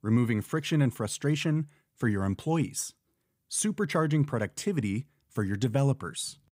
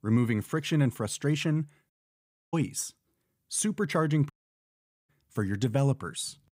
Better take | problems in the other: first | audio cutting out; at 2 s for 0.5 s and at 4.5 s for 1 s

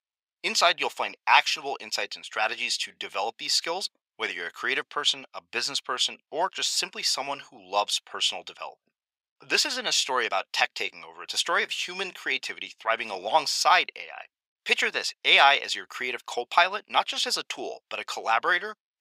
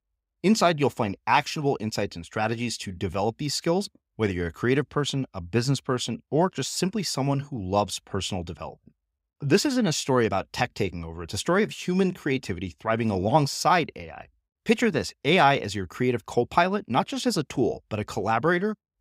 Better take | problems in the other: second | thin; very; fading below 800 Hz

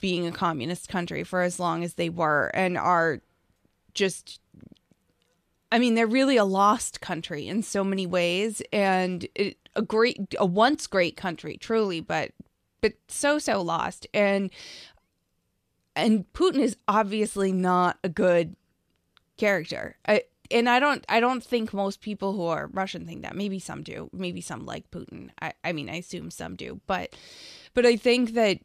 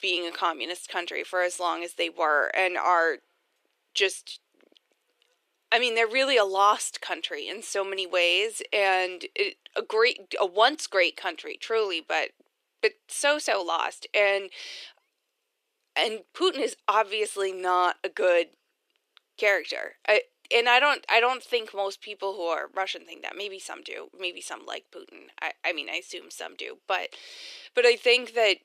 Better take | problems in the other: first | thin; very; fading below 350 Hz

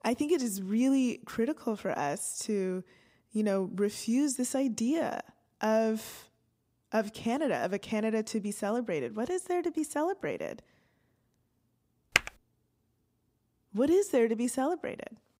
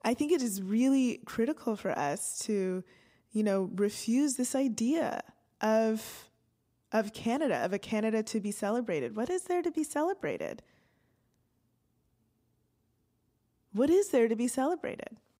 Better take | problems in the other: second | keyboard typing; very faint; at 12 s; peak 3 dB above the speech

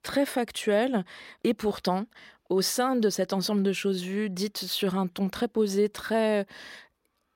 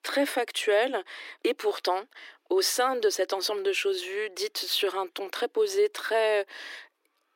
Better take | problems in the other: first | thin; somewhat; fading below 300 Hz

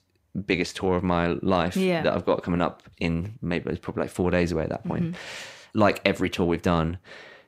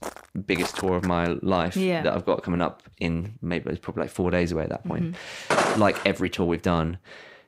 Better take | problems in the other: first | footsteps; noticeable; until 1.5 s; peak 7 dB below the speech // footsteps; loud; at 5.5 s; peak 3 dB above the speech

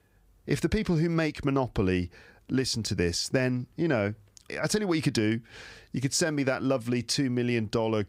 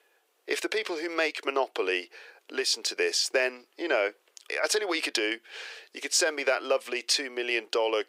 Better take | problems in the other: first | thin; very; fading below 400 Hz

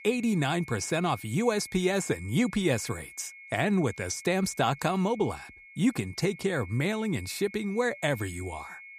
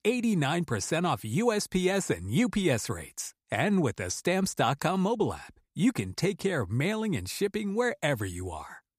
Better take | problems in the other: second | high-pitched whine; noticeable; throughout; 2 kHz, 15 dB below the speech

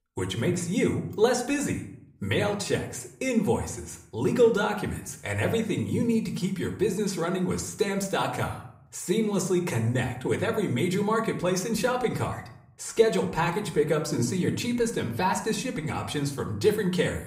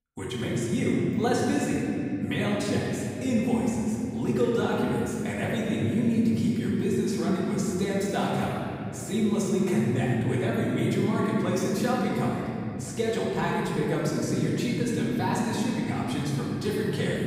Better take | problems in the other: first | room echo; strong; dies away in 3 s; slight in the first // off-mic speech; far; somewhat distant in the first

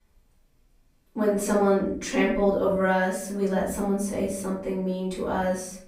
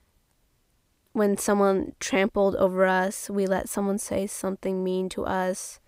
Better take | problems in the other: second | off-mic speech; far // room echo; noticeable; dies away in 0.6 s

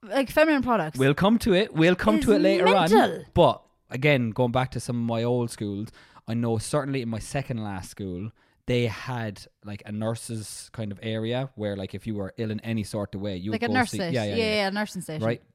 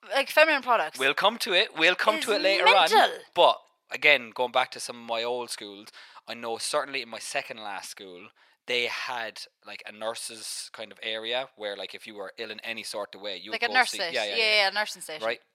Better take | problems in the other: first | thin; very; fading below 750 Hz

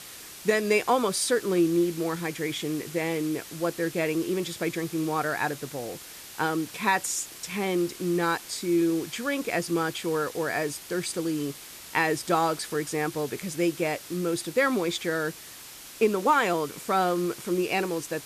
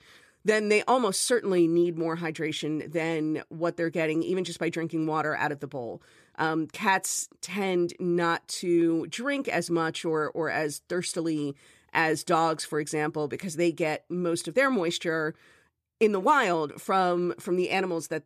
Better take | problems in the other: second | hiss; noticeable; throughout; 15 dB below the speech

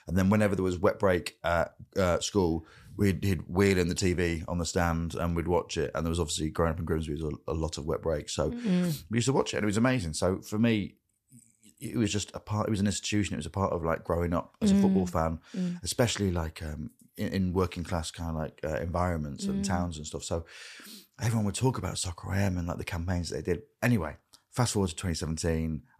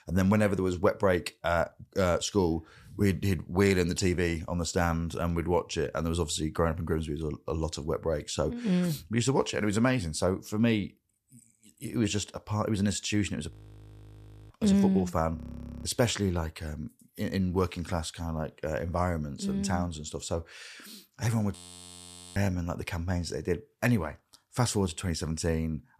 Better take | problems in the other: first | audio freezing; at 14 s for 1 s, at 15 s and at 22 s for 1 s

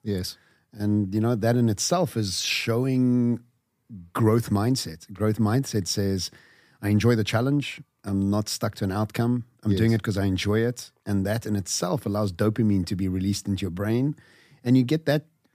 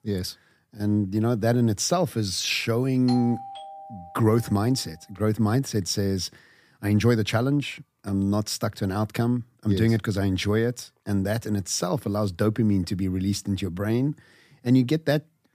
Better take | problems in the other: first | doorbell; noticeable; from 3 to 4.5 s; peak 10 dB below the speech

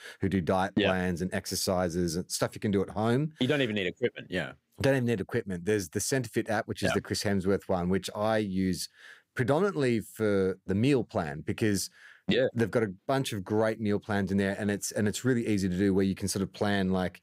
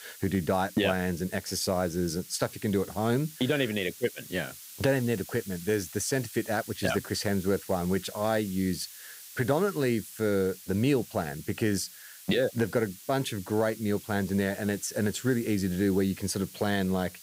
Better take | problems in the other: first | hiss; noticeable; throughout; 15 dB below the speech

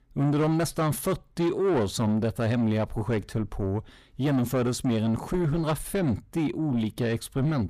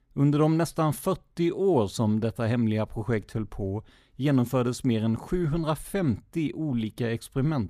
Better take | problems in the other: second | distortion; slight; 10 dB below the speech

